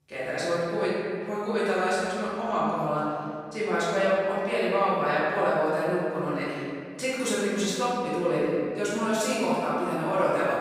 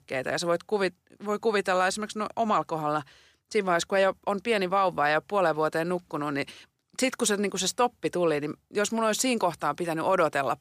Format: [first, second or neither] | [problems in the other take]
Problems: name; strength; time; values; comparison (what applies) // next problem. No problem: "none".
second | off-mic speech; far // room echo; strong; dies away in 2.2 s